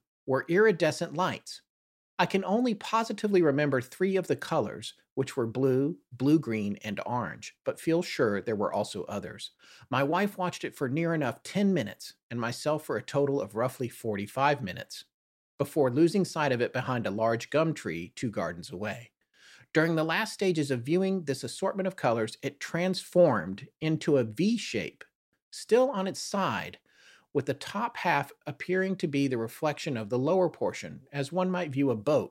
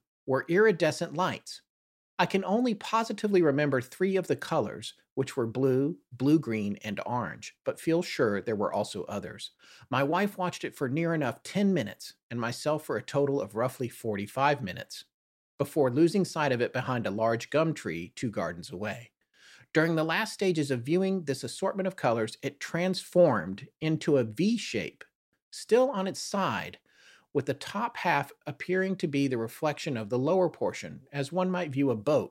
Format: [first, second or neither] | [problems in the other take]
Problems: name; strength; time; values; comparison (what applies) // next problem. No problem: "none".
neither | none